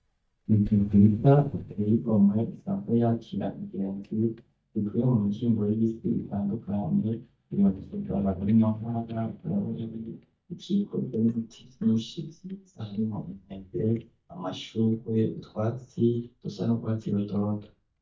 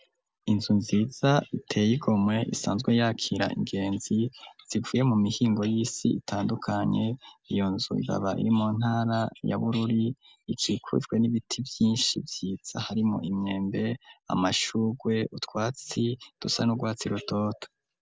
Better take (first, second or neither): second